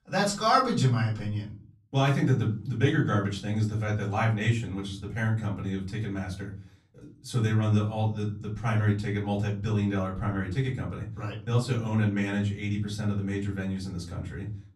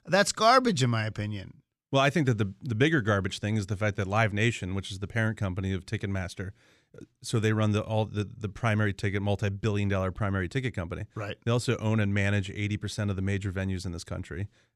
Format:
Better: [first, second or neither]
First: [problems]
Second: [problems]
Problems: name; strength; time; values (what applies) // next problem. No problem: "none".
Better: second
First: room echo; slight; dies away in 0.4 s // off-mic speech; far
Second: none